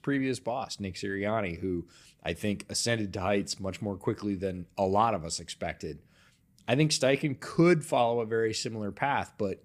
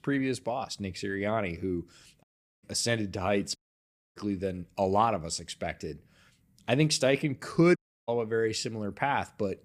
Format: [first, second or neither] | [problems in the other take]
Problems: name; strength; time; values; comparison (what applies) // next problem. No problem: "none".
first | audio cutting out; at 2 s, at 3.5 s for 0.5 s and at 8 s